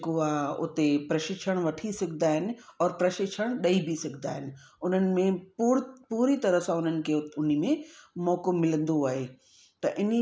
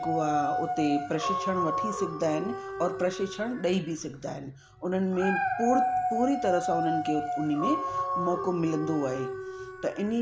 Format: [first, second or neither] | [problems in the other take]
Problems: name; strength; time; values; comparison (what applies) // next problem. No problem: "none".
first | background sound (Dog); 2 dB below the speech